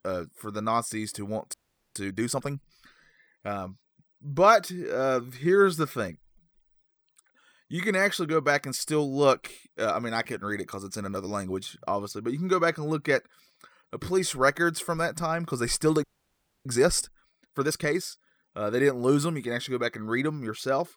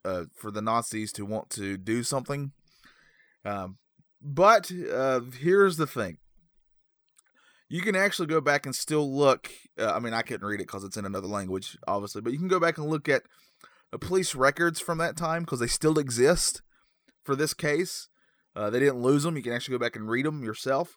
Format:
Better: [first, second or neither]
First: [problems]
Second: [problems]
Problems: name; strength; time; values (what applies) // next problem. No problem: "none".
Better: second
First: audio freezing; at 1.5 s and at 16 s for 0.5 s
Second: none